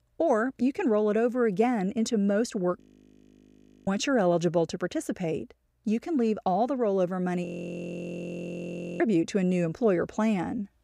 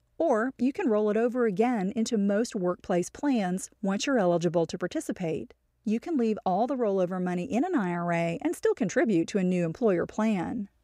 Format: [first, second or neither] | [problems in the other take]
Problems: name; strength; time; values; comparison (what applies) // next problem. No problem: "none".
second | audio freezing; at 3 s for 1 s and at 7.5 s for 1.5 s